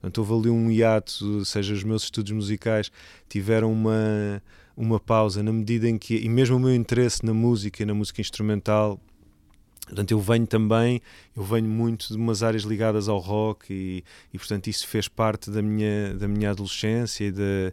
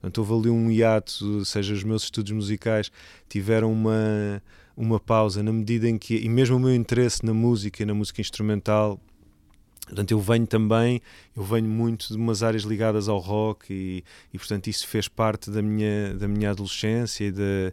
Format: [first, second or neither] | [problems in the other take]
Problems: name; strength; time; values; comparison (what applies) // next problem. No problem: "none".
neither | none